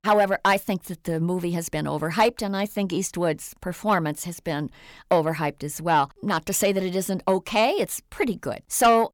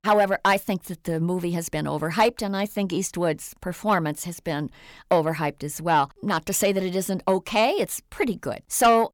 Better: neither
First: distortion; slight; 10 dB below the speech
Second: distortion; slight; 10 dB below the speech

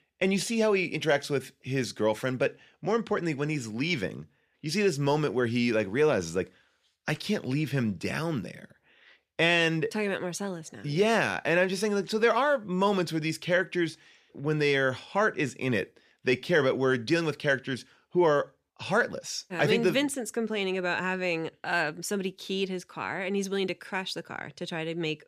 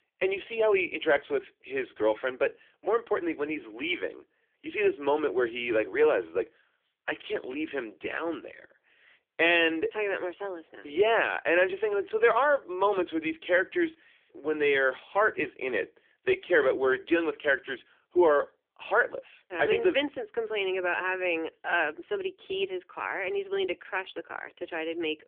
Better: first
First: none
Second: phone-call audio; poor line; nothing above 3.5 kHz

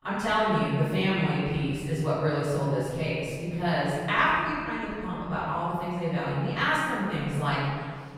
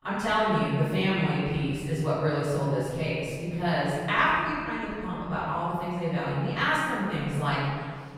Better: neither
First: room echo; strong; dies away in 1.9 s // off-mic speech; far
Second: room echo; strong; dies away in 1.9 s // off-mic speech; far

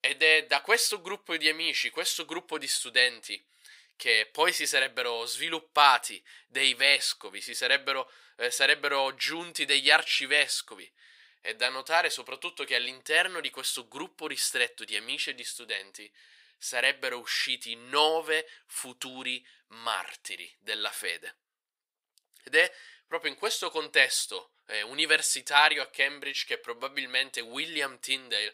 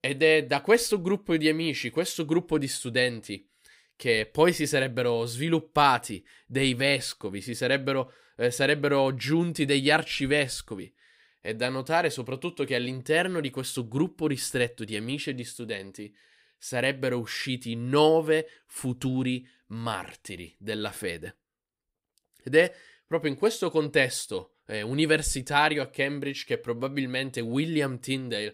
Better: second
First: thin; very; fading below 850 Hz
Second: none

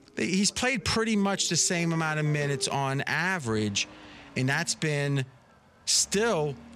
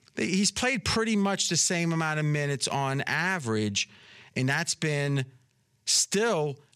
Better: second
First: traffic noise; faint; throughout; 20 dB below the speech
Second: none

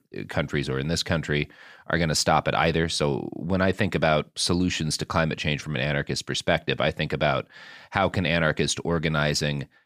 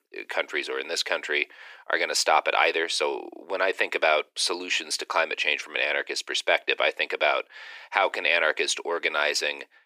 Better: first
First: none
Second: thin; very; fading below 350 Hz

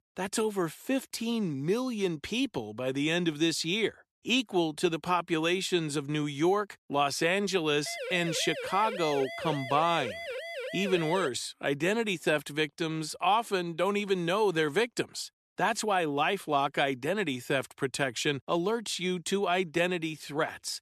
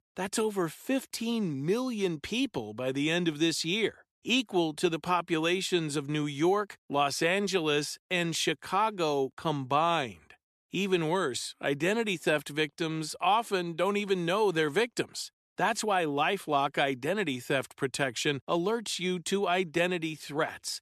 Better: second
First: siren; noticeable; from 8 to 11 s; peak 7 dB below the speech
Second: none

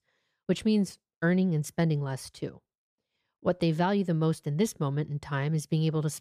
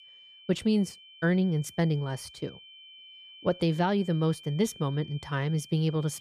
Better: first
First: none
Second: high-pitched whine; noticeable; throughout; 3 kHz, 20 dB below the speech

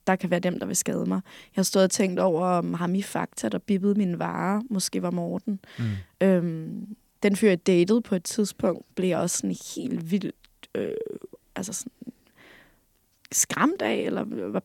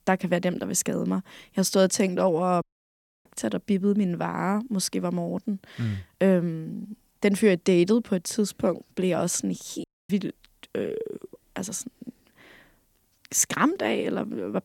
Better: first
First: none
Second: audio cutting out; at 2.5 s for 0.5 s and at 10 s

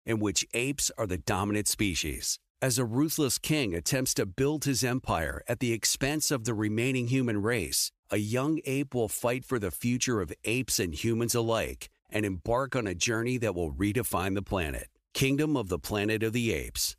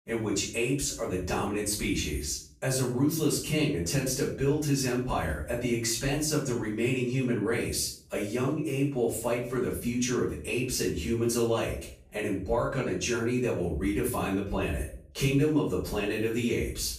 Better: first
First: none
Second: off-mic speech; far // room echo; noticeable; dies away in 0.5 s

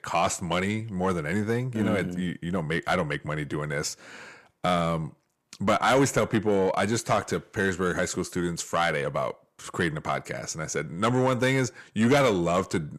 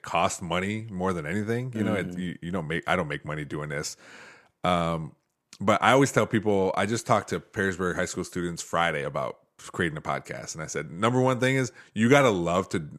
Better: second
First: distortion; slight; 10 dB below the speech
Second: none

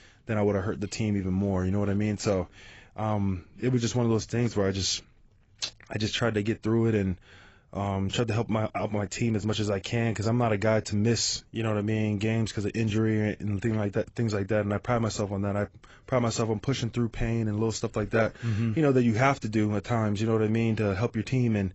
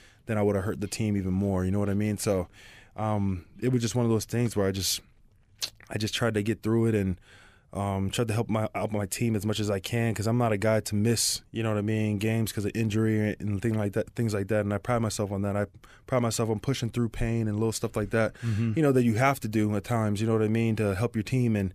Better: second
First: garbled, watery; badly; nothing above 7.5 kHz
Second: none

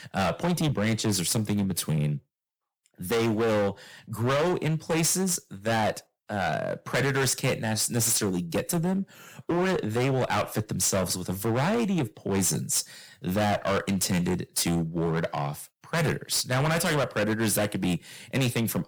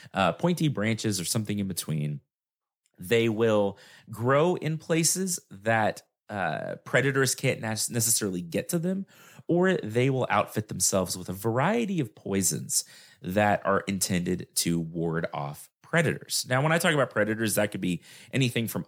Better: second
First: distortion; heavy; 19% of the sound clipped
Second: none

